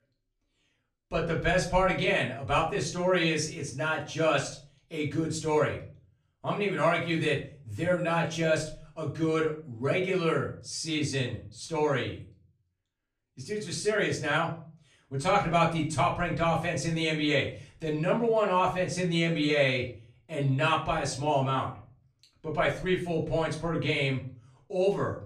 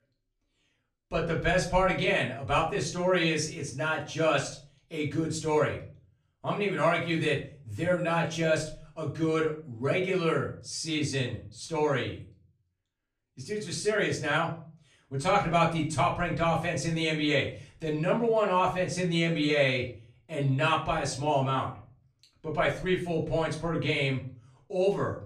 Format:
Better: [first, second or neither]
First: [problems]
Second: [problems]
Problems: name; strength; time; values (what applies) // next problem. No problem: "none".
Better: neither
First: off-mic speech; far // room echo; slight; dies away in 0.4 s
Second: off-mic speech; far // room echo; slight; dies away in 0.4 s